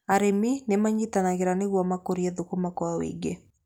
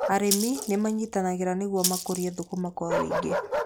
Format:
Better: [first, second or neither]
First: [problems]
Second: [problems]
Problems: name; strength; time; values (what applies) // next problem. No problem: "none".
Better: first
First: none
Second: background sound (Bark + Rattle (instrument)); 3 dB below the speech